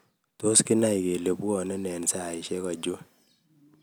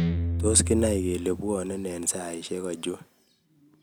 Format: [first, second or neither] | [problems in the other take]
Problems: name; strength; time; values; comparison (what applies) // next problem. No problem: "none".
first | background sound (Guitar); 4 dB below the speech